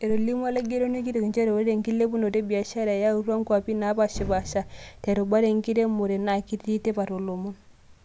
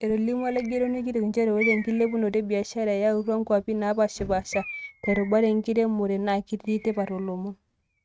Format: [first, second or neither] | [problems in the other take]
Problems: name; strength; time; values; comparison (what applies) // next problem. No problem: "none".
first | noise reduction (neural mask model RNNoise)